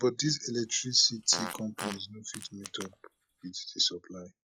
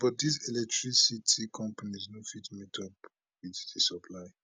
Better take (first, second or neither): second